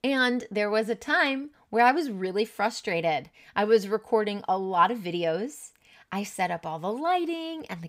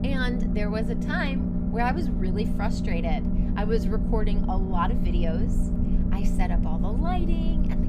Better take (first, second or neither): first